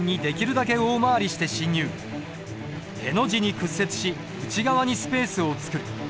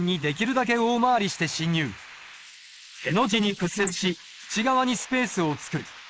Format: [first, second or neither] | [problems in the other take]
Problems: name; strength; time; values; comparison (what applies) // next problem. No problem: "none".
first | noise reduction (neural mask model Resemble Enhance denoiser)